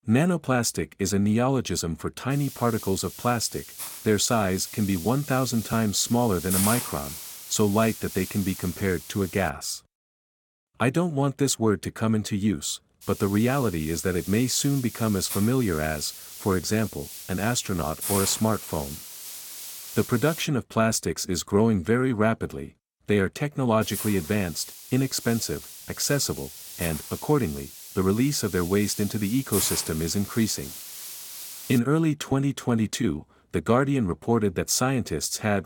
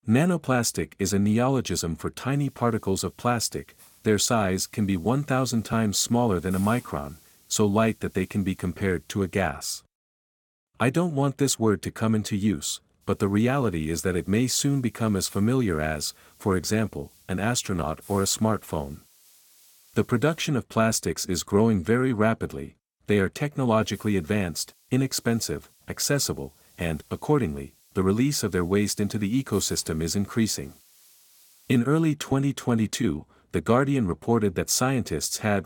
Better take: second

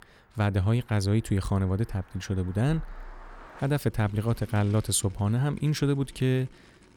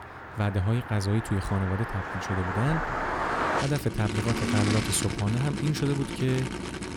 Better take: first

